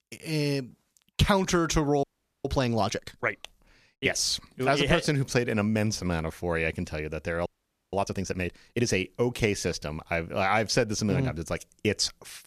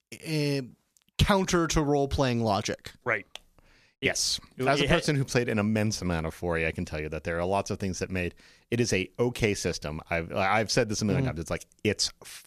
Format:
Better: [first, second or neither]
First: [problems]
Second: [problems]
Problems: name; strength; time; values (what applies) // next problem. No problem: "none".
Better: second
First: audio freezing; at 2 s and at 7.5 s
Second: none